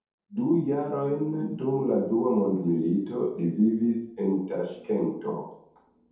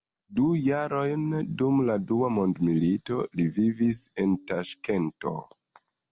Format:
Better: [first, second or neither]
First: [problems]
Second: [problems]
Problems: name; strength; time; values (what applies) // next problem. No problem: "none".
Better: second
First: room echo; dies away in 0.7 s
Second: none